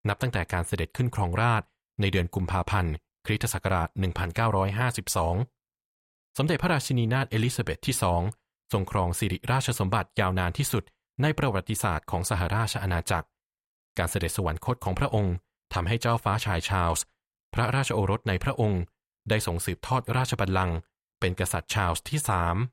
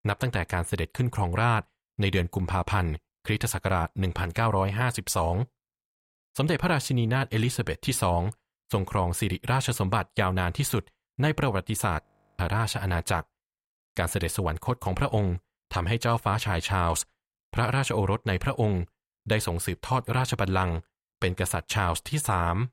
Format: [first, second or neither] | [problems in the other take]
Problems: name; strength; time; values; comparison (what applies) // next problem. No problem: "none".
first | audio freezing; at 12 s